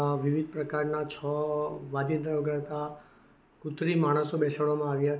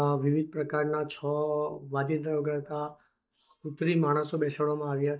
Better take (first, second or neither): first